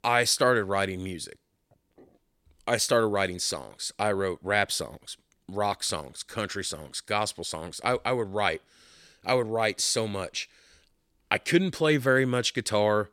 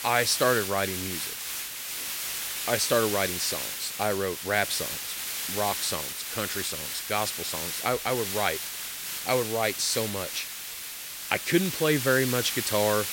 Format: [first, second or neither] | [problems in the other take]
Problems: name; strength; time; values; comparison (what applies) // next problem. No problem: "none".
first | hiss; loud; throughout; 3 dB below the speech